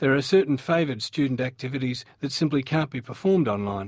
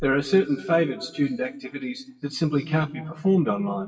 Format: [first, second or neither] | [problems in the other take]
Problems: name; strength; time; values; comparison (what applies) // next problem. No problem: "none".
first | noise reduction (classical method WPE with log-MMSE)